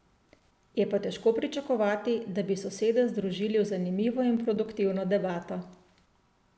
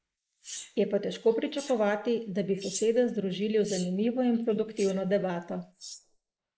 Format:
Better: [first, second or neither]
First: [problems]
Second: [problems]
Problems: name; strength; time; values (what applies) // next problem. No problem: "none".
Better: first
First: none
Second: noise reduction (neural mask model Resemble Enhance denoiser)